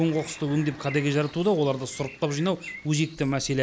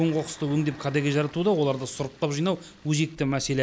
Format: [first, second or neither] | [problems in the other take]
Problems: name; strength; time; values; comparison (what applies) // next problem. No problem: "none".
second | background sound (Bird); 19 dB below the speech